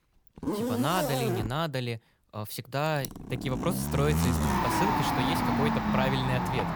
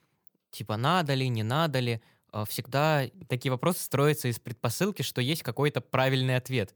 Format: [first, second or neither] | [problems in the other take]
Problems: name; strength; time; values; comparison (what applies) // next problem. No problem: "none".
second | household noises; very loud; throughout; 2 dB above the speech